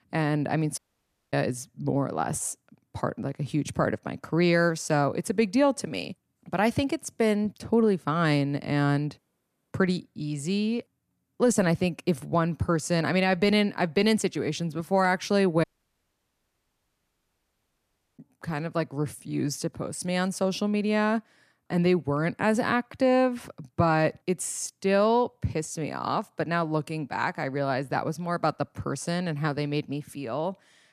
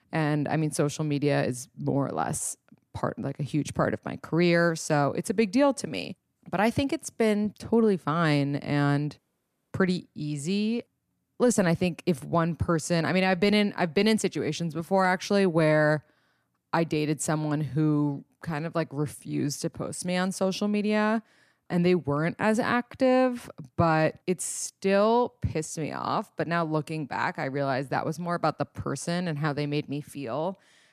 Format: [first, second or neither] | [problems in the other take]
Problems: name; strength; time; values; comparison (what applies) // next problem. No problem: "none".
second | audio cutting out; at 1 s for 0.5 s and at 16 s for 2.5 s